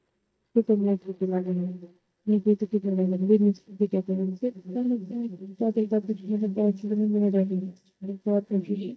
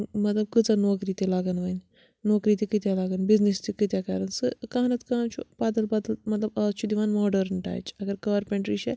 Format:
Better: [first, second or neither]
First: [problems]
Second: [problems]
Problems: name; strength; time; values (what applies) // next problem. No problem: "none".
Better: second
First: noise reduction (neural mask model DeepFilterNet 3)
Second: none